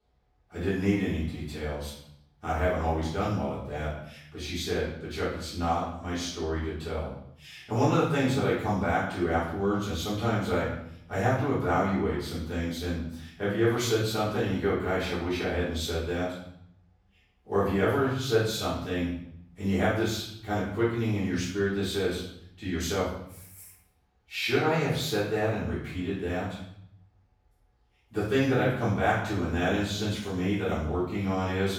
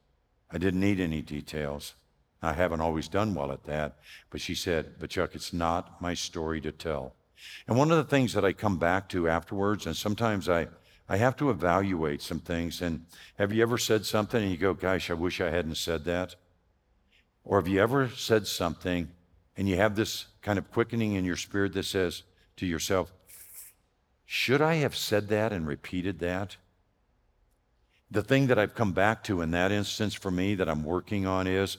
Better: second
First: off-mic speech; far // room echo; noticeable; dies away in 0.6 s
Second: none

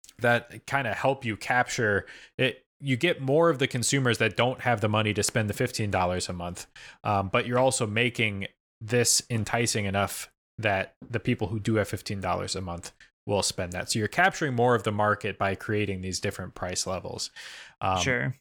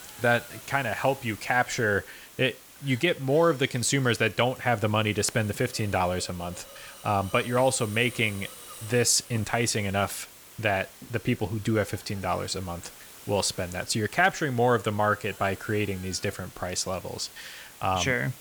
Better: first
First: none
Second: hiss; noticeable; throughout; 20 dB below the speech

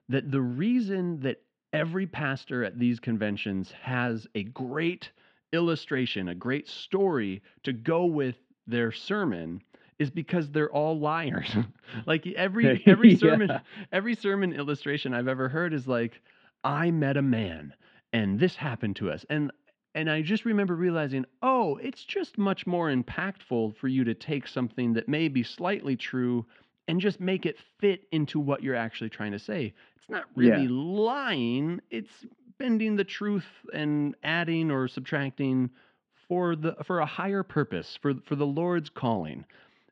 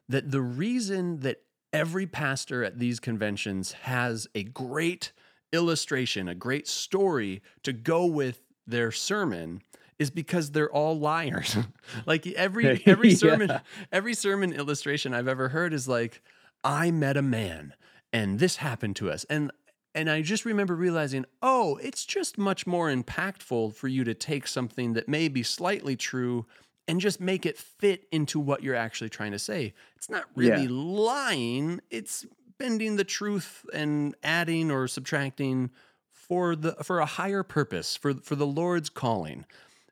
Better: second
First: muffled; slightly; fading above 3.5 kHz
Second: none

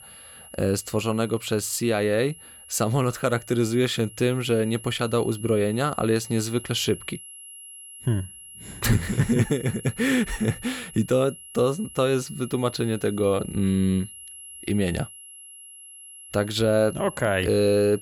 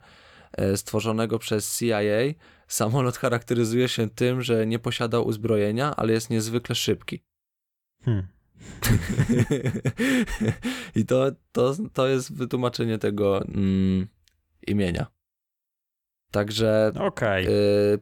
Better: second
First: high-pitched whine; noticeable; throughout; 11 kHz, 15 dB below the speech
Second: none

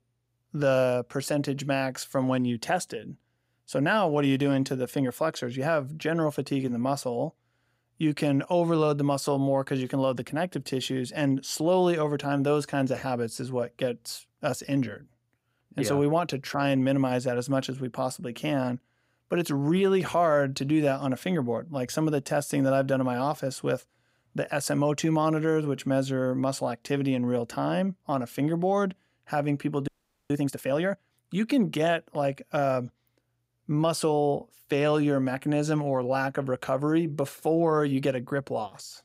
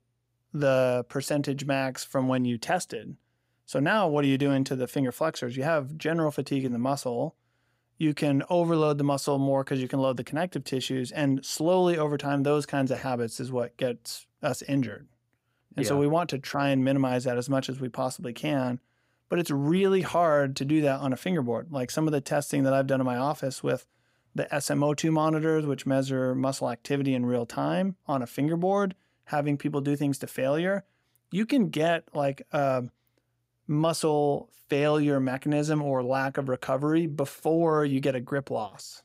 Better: second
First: audio freezing; at 30 s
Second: none

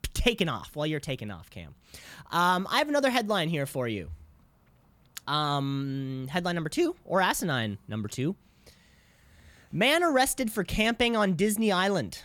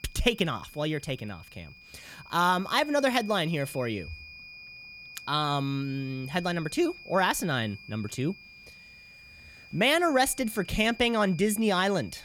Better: first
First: none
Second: high-pitched whine; noticeable; throughout; 2.5 kHz, 20 dB below the speech

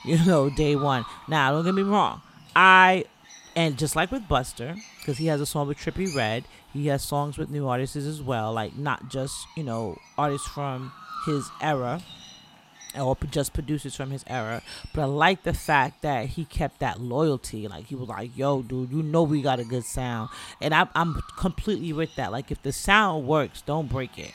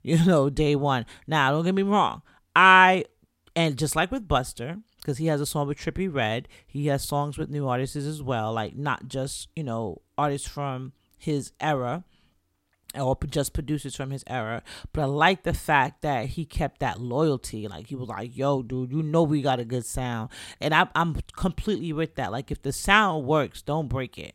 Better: second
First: animal sounds; noticeable; throughout; 20 dB below the speech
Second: none

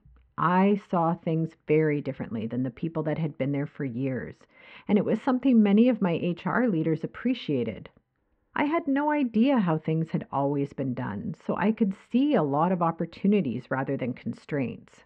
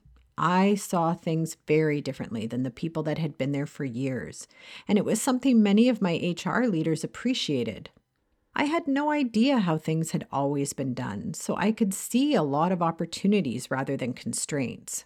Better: second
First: muffled; very; fading above 2.5 kHz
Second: none

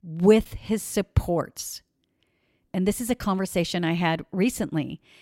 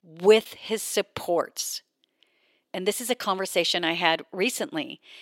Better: first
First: none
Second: thin; somewhat; fading below 450 Hz

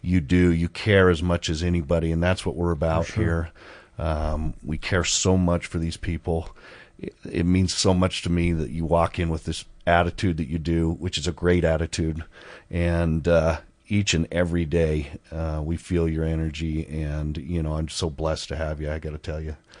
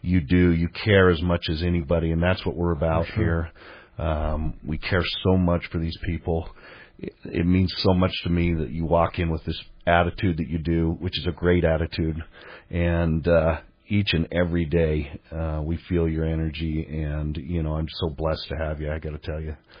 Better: first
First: garbled, watery; slightly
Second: garbled, watery; badly; nothing above 4.5 kHz

